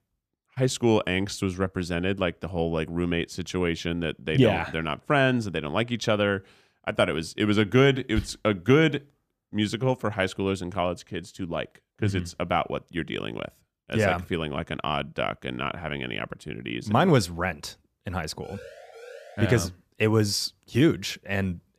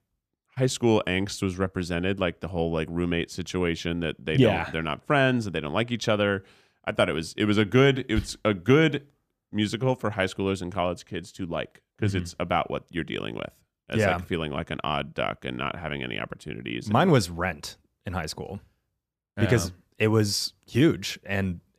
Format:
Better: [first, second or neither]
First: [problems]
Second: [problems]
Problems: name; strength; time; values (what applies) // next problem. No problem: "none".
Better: second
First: siren; faint; at 18 s; peak 20 dB below the speech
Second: none